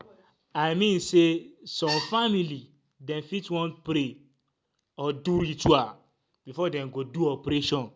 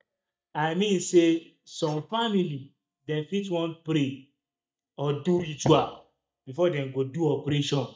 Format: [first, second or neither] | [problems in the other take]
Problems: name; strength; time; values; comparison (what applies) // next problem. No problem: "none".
first | noise reduction (neural mask model DeepFilterNet 3)